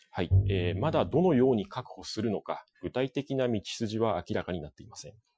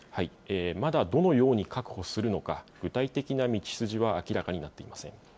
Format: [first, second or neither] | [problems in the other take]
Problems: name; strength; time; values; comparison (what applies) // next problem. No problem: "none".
second | noise reduction (classical method Wiener filter)